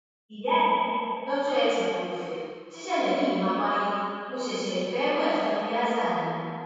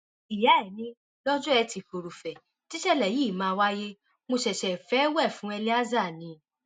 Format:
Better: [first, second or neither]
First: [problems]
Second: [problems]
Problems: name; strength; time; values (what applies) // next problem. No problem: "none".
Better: second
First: room echo; dies away in 2.2 s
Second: none